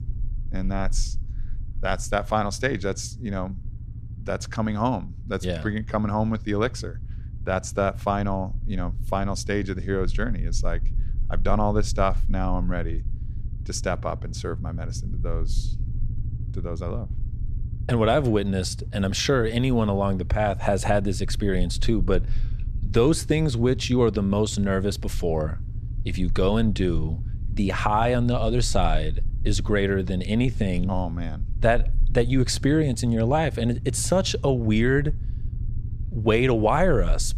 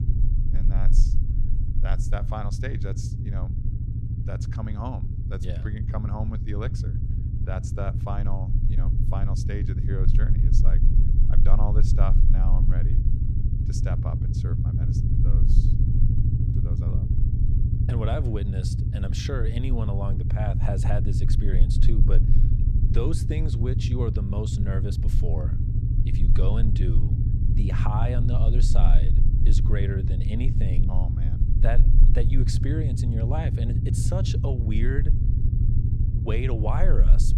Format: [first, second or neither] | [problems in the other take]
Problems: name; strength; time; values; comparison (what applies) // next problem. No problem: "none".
first | low rumble; loud; throughout; 3 dB below the speech; faint in the first